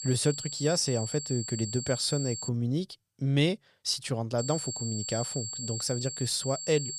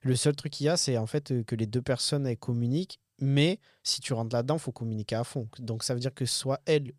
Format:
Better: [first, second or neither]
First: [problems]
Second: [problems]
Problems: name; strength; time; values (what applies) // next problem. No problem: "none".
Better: second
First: high-pitched whine; loud; until 2.5 s and from 4.5 s on; 7.5 kHz, 5 dB below the speech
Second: none